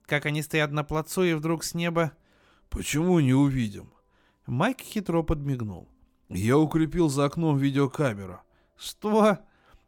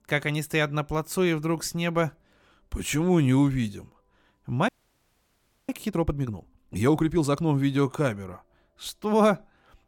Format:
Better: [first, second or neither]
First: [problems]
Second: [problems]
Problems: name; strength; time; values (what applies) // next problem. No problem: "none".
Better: first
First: none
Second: audio freezing; at 4.5 s for 1 s